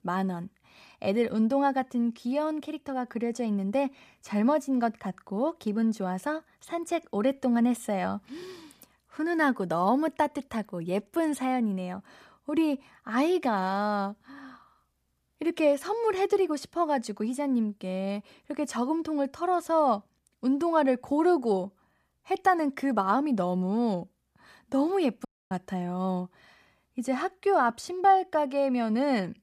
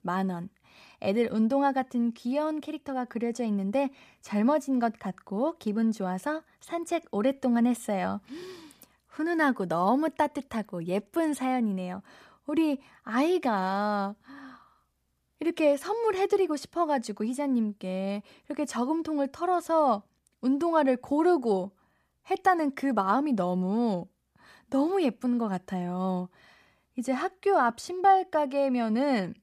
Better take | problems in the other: second | audio cutting out; at 25 s

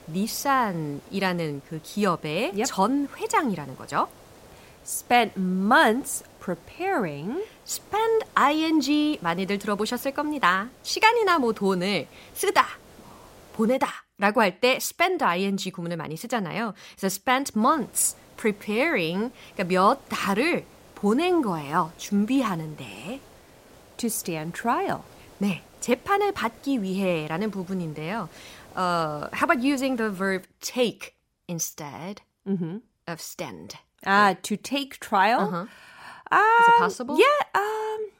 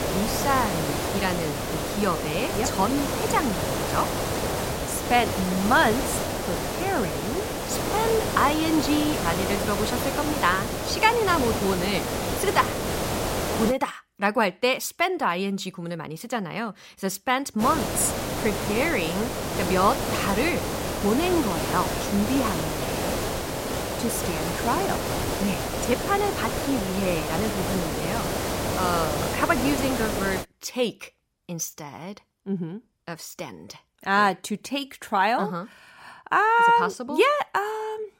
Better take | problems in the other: first | hiss; loud; until 14 s and from 18 to 30 s; 2 dB below the speech; faint in the first

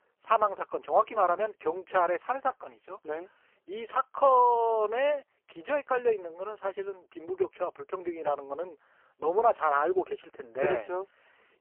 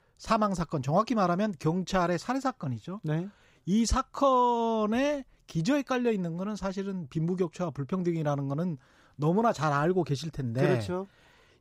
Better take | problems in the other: second | phone-call audio; poor line

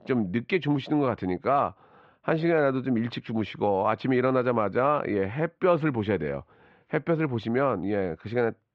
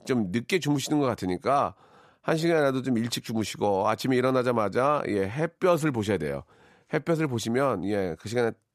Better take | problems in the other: second | muffled; very; fading above 3 kHz

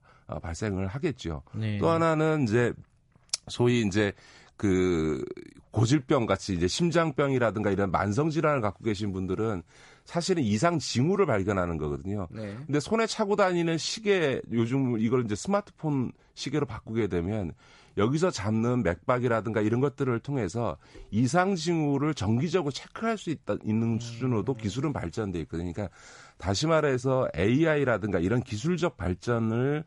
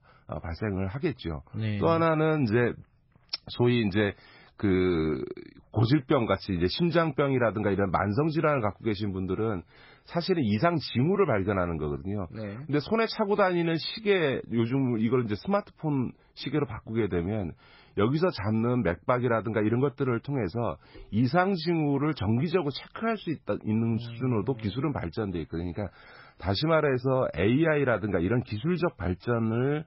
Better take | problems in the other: first | garbled, watery; badly; nothing above 5.5 kHz; slightly in the first

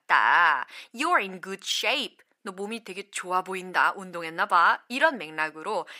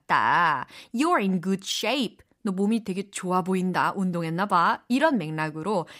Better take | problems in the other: second | thin; very; fading below 450 Hz

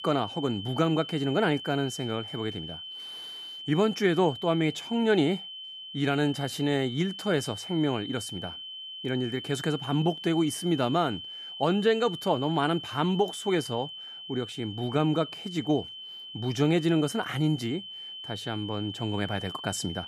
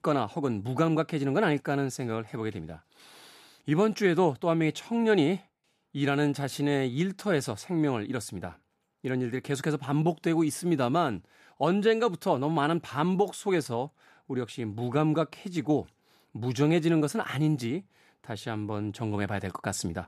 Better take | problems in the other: second | high-pitched whine; noticeable; throughout; 3 kHz, 10 dB below the speech

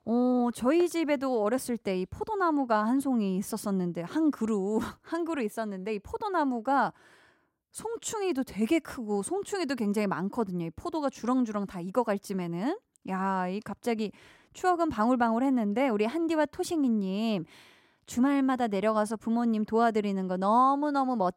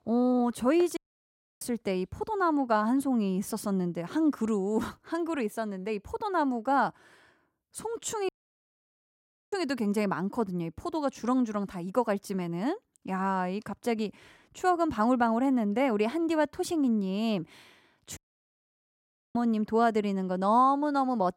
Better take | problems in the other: first | audio cutting out; at 1 s for 0.5 s, at 8.5 s for 1 s and at 18 s for 1 s

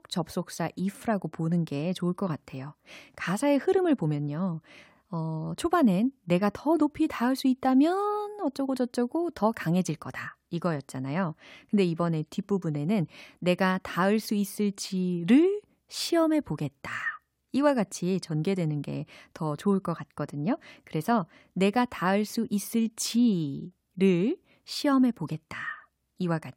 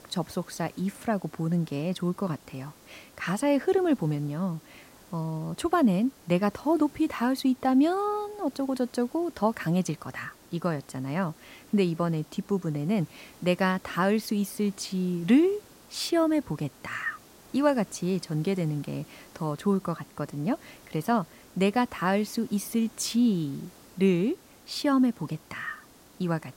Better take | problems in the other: first | hiss; faint; throughout; 25 dB below the speech

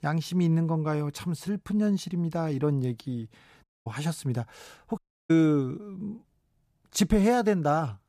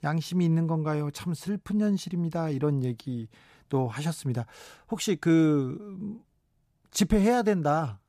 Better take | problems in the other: second | audio cutting out; at 3.5 s and at 5 s

